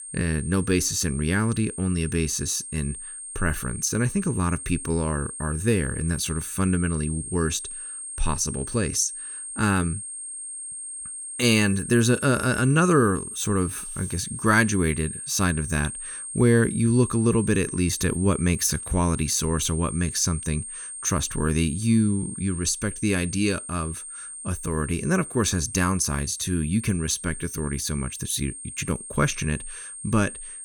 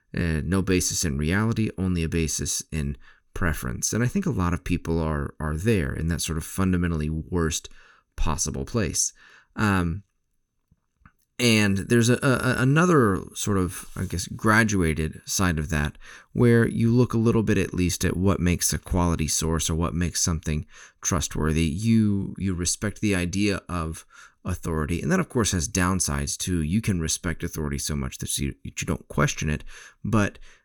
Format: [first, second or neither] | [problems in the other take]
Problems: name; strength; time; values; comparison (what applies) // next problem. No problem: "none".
second | high-pitched whine; loud; throughout; 8.5 kHz, 9 dB below the speech